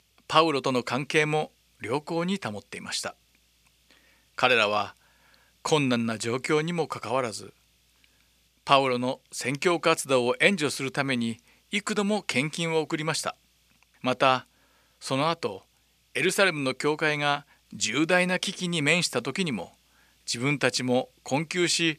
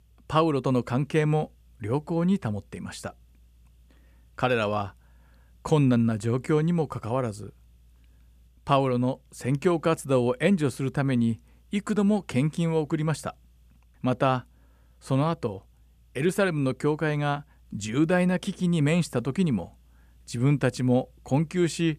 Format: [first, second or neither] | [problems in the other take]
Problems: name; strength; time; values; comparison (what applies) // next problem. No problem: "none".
second | thin; somewhat; fading below 1 kHz